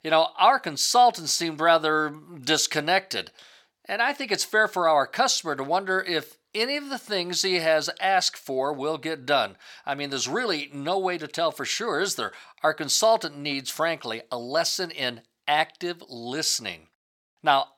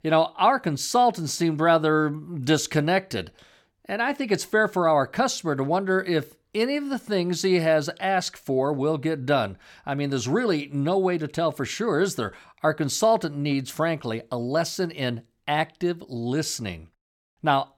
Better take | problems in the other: second | thin; somewhat; fading below 950 Hz

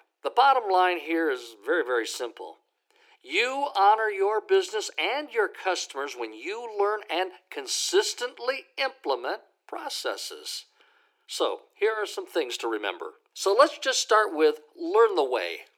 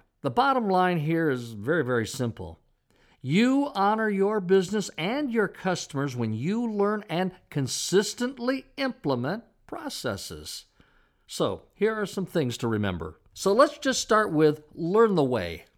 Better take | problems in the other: second | thin; very; fading below 350 Hz

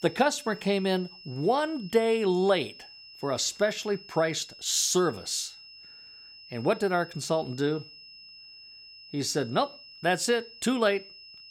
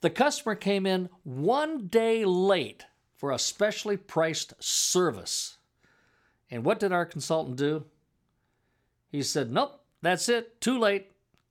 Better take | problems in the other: second | high-pitched whine; noticeable; throughout; 5 kHz, 20 dB below the speech

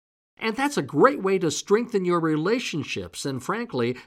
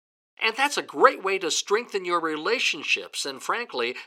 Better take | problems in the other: first | thin; very; fading below 600 Hz

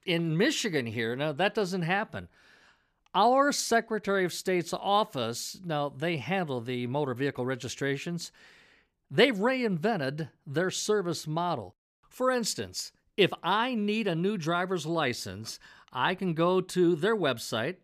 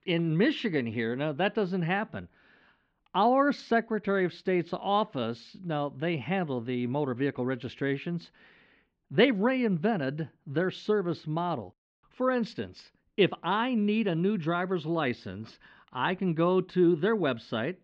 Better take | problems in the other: first | muffled; slightly; fading above 3.5 kHz

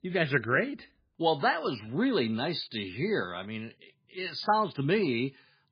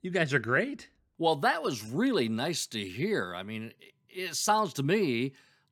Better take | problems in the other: second | garbled, watery; badly; nothing above 4.5 kHz

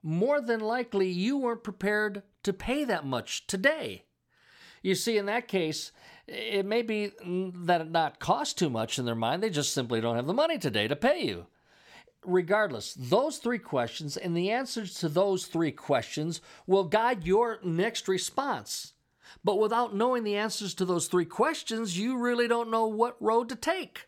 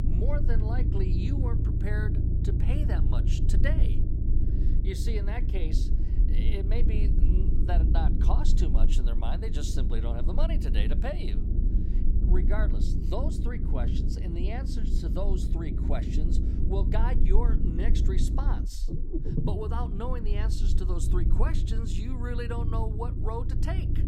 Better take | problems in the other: first | low rumble; loud; throughout; 4 dB below the speech

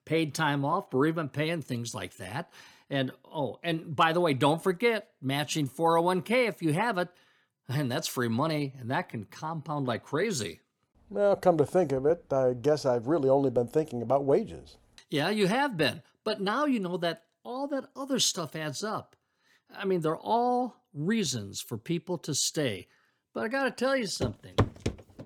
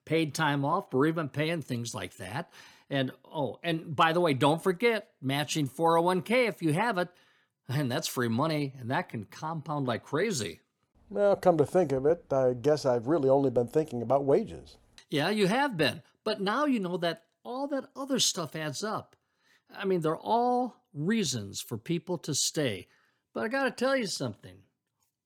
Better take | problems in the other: second | footsteps; noticeable; at 24 s; peak level with the speech

